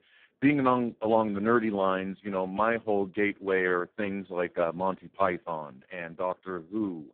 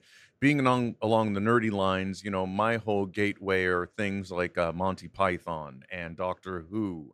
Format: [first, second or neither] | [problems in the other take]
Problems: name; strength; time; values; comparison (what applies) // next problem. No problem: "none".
second | phone-call audio; poor line